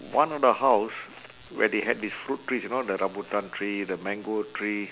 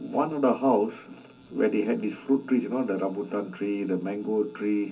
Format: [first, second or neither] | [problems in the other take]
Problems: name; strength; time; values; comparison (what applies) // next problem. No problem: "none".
first | room echo; dies away in 0.3 s